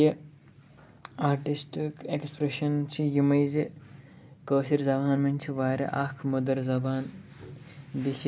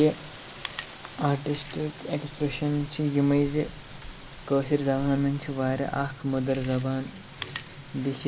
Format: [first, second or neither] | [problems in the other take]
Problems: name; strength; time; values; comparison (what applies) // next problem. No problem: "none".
first | background sound (Chewing, mastication + Rain); 15 dB below the speech